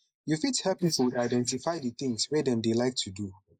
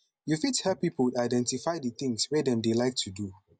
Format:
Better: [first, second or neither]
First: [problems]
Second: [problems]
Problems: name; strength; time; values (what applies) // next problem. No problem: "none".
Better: second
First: noise reduction (neural mask model Resemble Enhance denoiser)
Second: none